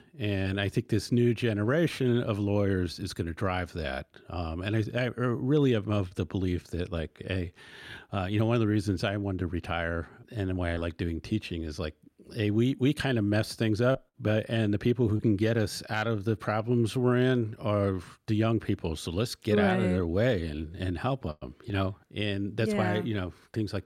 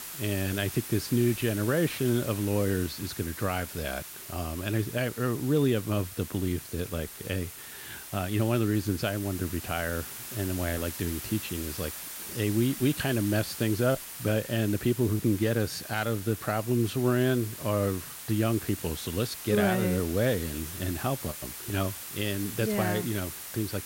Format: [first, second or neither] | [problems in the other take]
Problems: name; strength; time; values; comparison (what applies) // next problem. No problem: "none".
first | hiss; loud; throughout; 9 dB below the speech